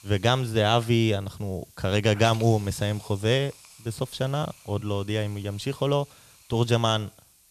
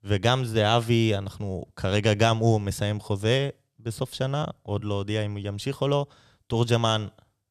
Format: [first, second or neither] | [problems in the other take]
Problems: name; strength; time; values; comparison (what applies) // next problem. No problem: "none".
second | hiss; faint; throughout; 20 dB below the speech